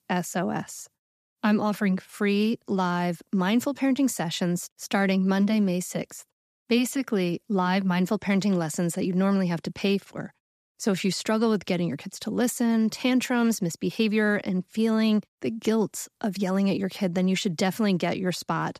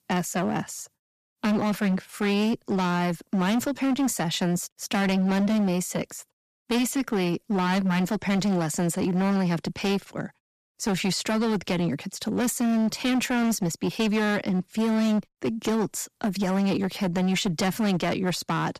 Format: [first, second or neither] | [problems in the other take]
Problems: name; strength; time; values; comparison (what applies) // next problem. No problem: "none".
first | distortion; slight; 19% of the sound clipped